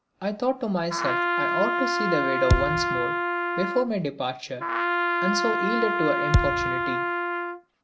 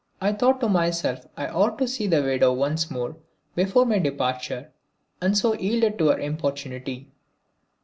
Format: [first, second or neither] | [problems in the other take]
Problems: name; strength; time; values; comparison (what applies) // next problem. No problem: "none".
second | background sound (Trumpet + Thump, thud); 3 dB above the speech